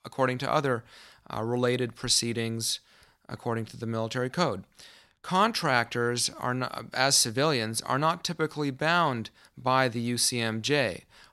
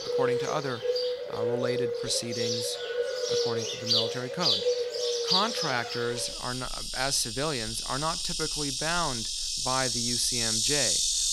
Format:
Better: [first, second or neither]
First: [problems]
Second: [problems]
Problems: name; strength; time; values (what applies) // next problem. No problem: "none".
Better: first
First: none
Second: animal sounds; very loud; throughout; 4 dB above the speech